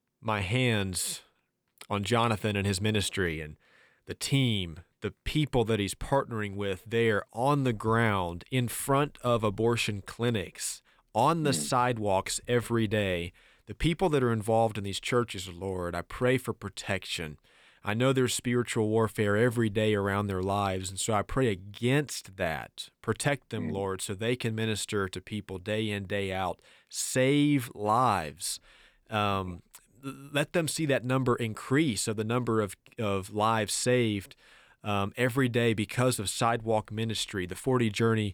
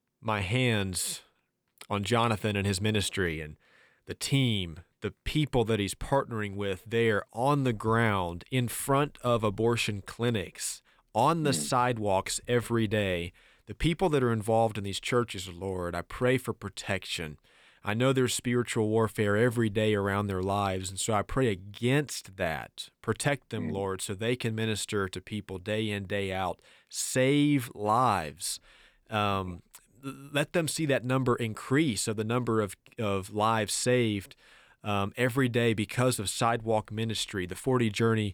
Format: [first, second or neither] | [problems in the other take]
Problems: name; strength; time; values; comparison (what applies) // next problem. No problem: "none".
neither | none